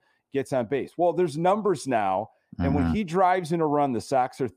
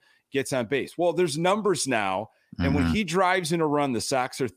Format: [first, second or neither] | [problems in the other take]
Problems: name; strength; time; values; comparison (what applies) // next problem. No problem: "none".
second | muffled; slightly; fading above 1.5 kHz